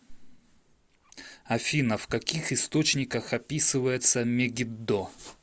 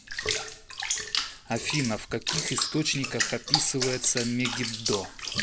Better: first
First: none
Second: background sound (Bathtub (filling or washing) / Water); 1 dB below the speech

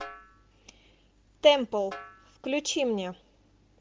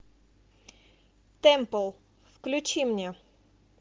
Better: second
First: background sound (Snare drum); 20 dB below the speech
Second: none

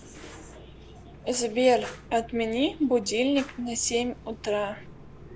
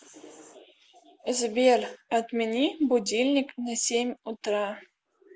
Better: second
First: background sound (Fire); 18 dB below the speech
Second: none

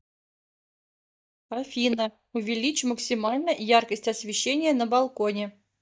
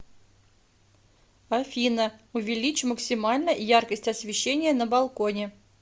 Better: second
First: noise reduction (neural mask model DeepFilterNet 3)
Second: none

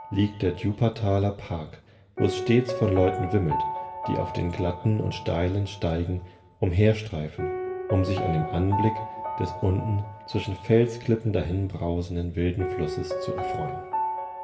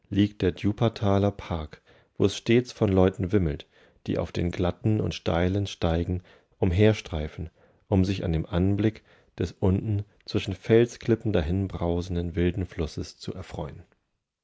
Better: second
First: background sound (Piano); 8 dB below the speech // room echo; dies away in 0.8 s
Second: none

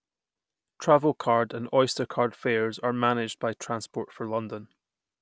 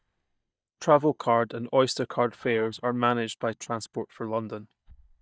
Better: first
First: none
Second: noise reduction (neural mask model DeepFilterNet 3)

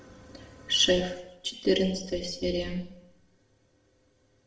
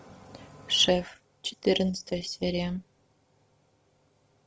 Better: second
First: room echo; dies away in 0.8 s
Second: none

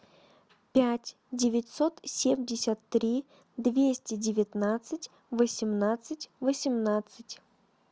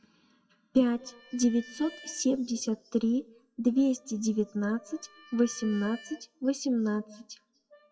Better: first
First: none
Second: noise reduction (classical method WPE with log-MMSE)

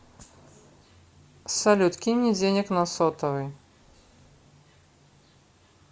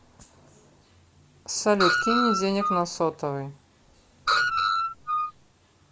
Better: first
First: none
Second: background sound (Screech); 4 dB above the speech

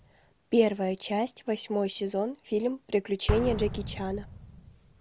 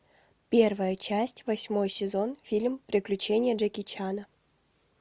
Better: second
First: background sound (Explosion); 9 dB below the speech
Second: none

